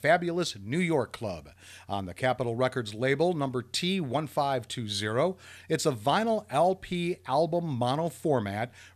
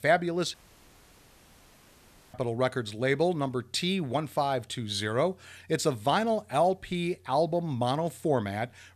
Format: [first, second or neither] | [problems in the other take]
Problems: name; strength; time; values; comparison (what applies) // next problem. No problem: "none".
first | audio cutting out; at 0.5 s for 2 s